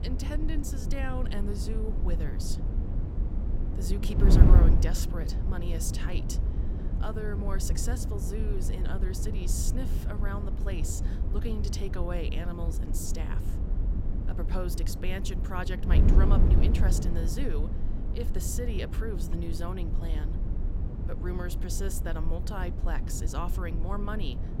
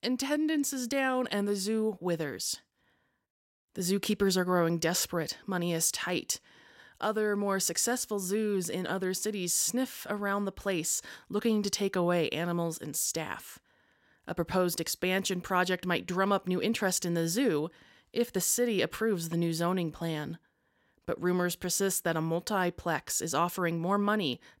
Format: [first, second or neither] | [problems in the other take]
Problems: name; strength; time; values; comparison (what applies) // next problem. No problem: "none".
second | wind noise on the microphone; heavy; 3 dB below the speech